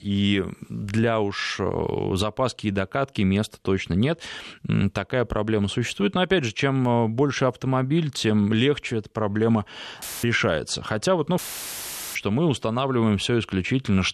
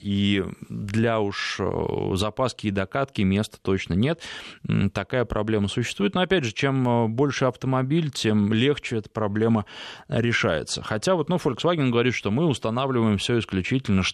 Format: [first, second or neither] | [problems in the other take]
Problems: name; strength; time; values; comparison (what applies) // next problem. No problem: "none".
second | audio cutting out; filled with static; at 10 s and at 11 s for 1 s